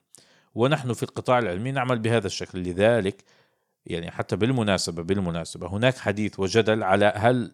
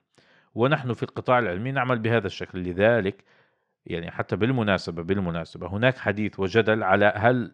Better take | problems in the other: first | muffled; slightly; fading above 2.5 kHz

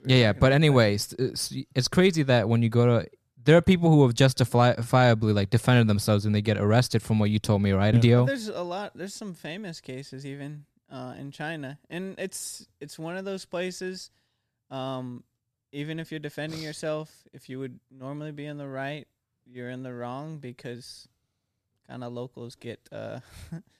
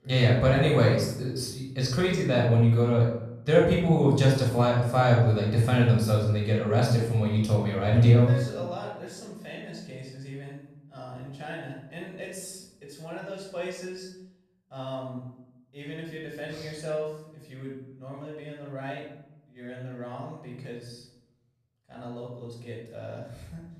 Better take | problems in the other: first | off-mic speech; far // room echo; noticeable; dies away in 0.7 s

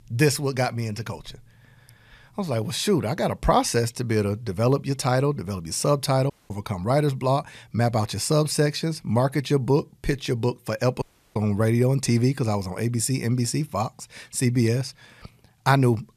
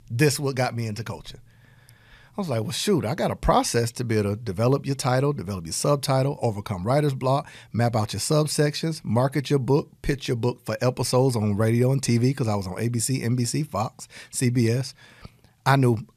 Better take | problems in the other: second | audio cutting out; at 6.5 s and at 11 s

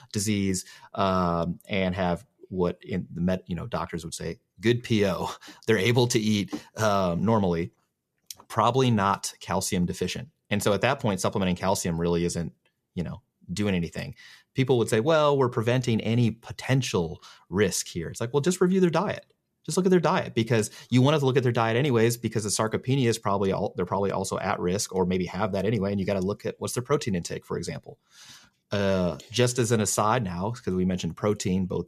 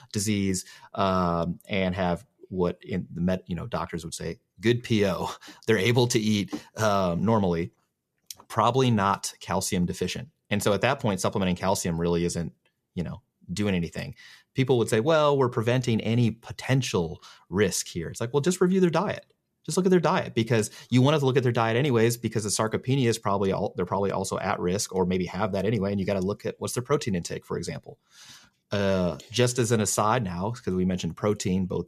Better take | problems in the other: neither | none

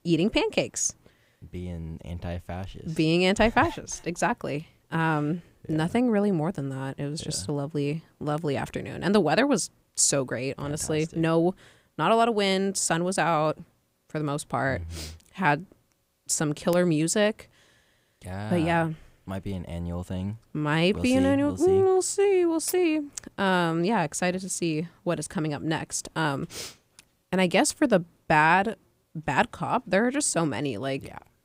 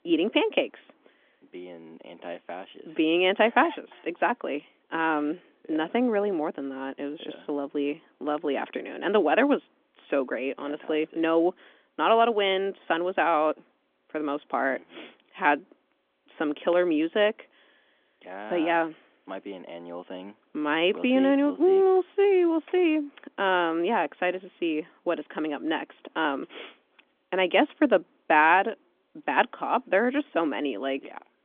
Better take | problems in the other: first | phone-call audio; nothing above 3.5 kHz

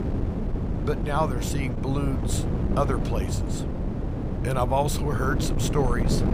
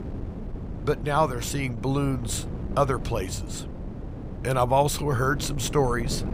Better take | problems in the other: second | wind noise on the microphone; heavy; 6 dB below the speech; occasional gusts in the second

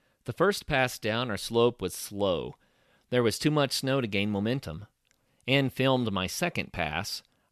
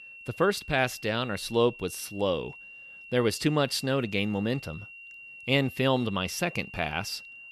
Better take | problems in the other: first | high-pitched whine; noticeable; throughout; 2.5 kHz, 15 dB below the speech

